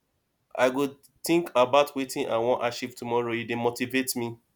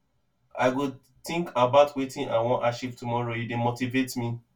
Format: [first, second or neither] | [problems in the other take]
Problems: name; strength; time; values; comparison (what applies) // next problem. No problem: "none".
first | room echo; dies away in 0.1 s